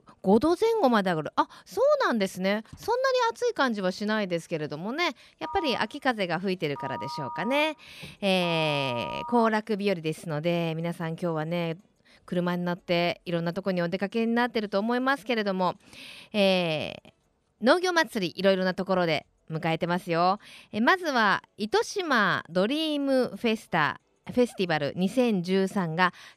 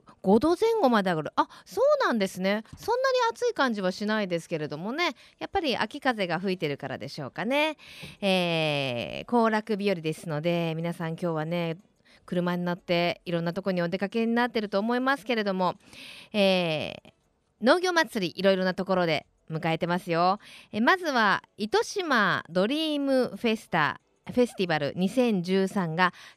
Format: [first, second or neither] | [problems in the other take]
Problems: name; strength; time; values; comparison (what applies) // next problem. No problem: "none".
second | phone ringing; noticeable; from 5.5 to 9.5 s; peak 10 dB below the speech